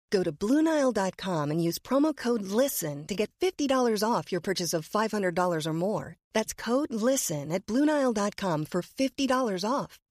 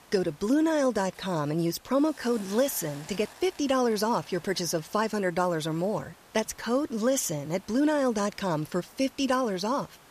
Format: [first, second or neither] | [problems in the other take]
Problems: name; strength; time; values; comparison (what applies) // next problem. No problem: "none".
first | hiss; faint; throughout; 25 dB below the speech